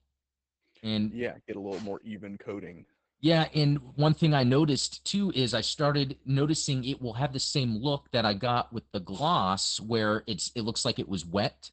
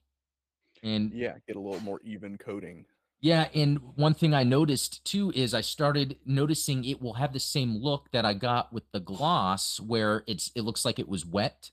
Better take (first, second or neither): second